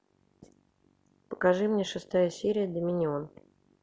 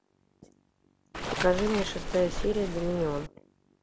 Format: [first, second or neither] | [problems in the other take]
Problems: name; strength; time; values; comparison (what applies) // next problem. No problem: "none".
first | background sound (Waves, surf); 3 dB below the speech